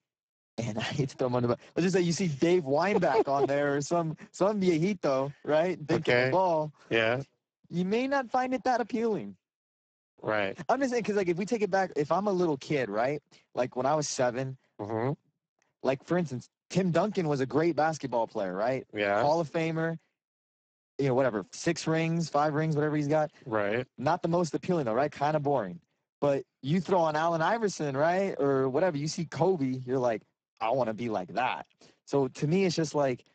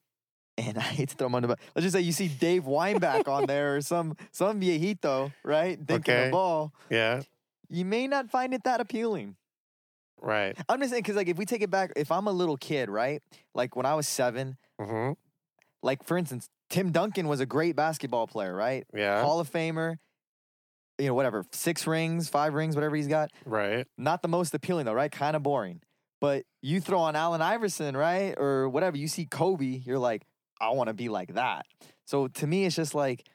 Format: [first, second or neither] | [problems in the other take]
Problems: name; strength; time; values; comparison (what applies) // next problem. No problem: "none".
second | garbled, watery; badly; nothing above 7.5 kHz